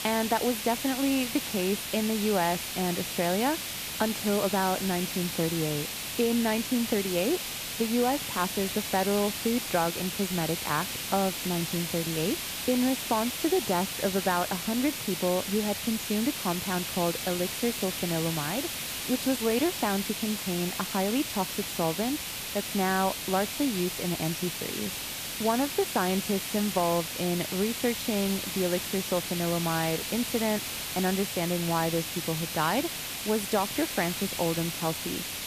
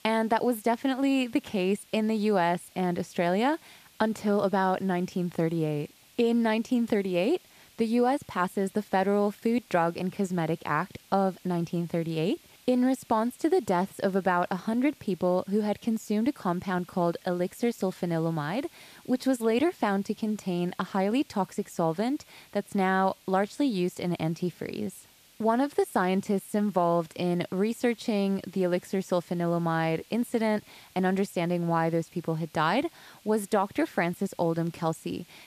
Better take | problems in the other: second | hiss; loud; throughout; 3 dB below the speech; faint in the second

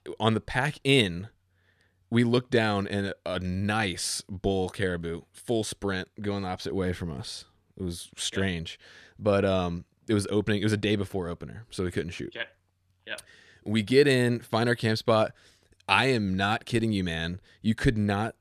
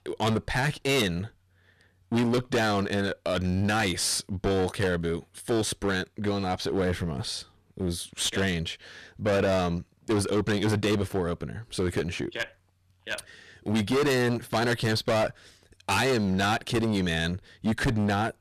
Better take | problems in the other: first | distortion; heavy; 16% of the sound clipped

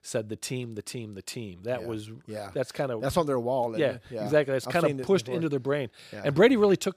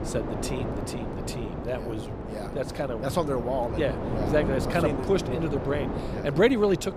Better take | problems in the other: first | wind noise on the microphone; heavy; 7 dB below the speech

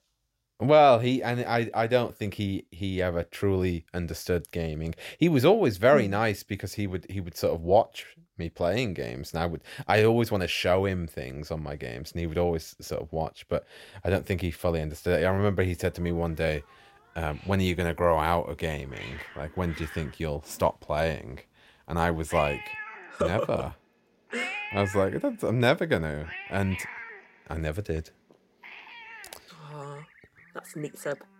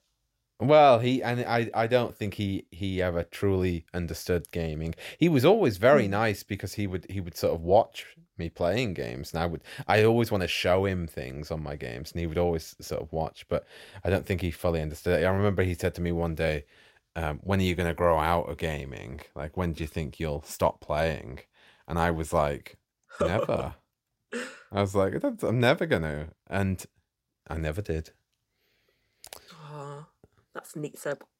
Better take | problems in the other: second | animal sounds; noticeable; from 15 s on; 10 dB below the speech

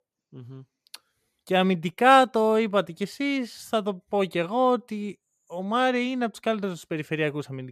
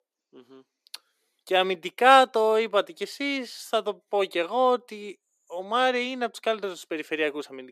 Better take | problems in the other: first | thin; somewhat; fading below 300 Hz

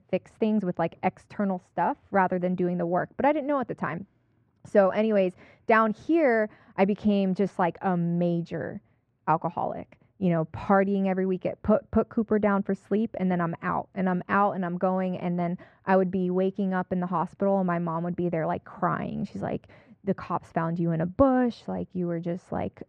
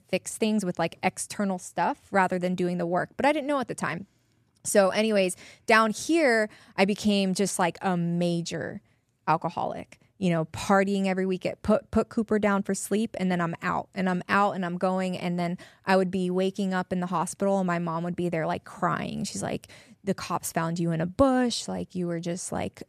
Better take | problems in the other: second | muffled; very; fading above 1.5 kHz

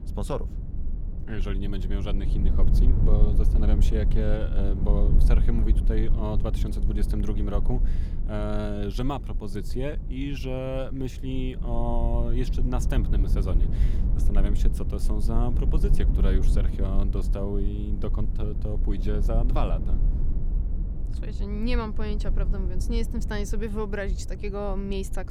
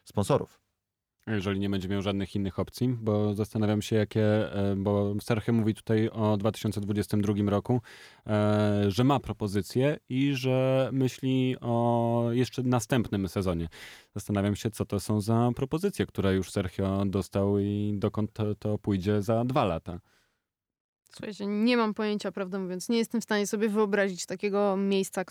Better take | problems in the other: second | low rumble; loud; throughout; 9 dB below the speech

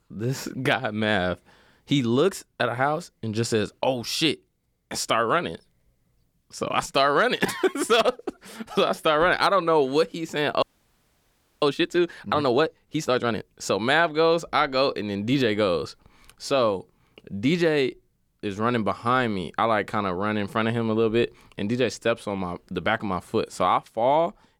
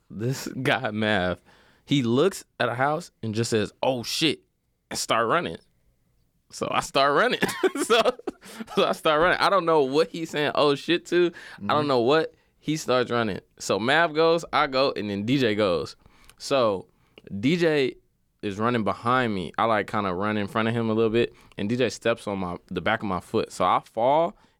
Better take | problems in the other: second | audio freezing; at 11 s for 1 s

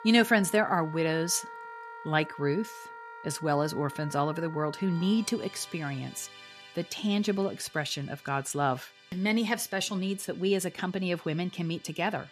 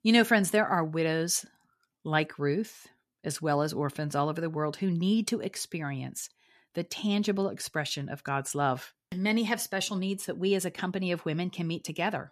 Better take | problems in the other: second | background music; noticeable; throughout; 15 dB below the speech

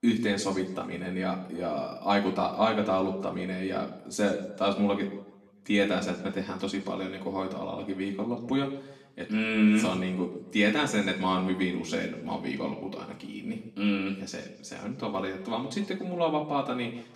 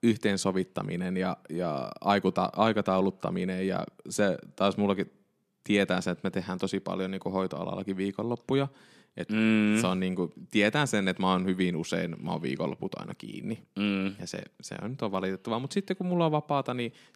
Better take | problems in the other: second | room echo; slight; dies away in 0.7 s // off-mic speech; far

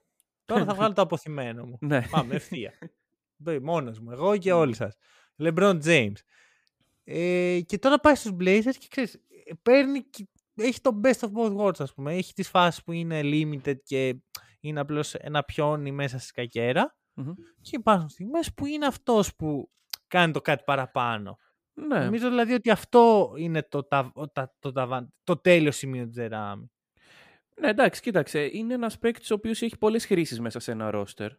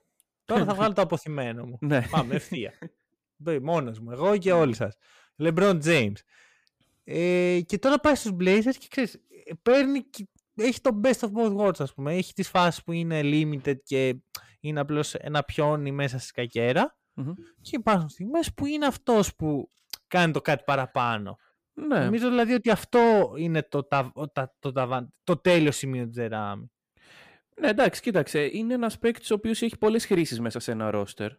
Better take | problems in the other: first | distortion; slight; 10 dB below the speech

